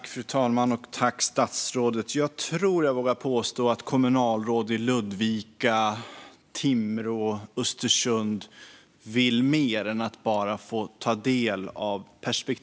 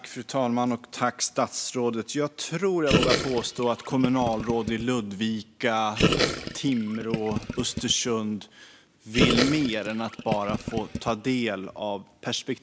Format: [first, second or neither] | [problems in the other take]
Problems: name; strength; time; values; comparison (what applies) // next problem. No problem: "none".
first | background sound (Gurgling); 2 dB below the speech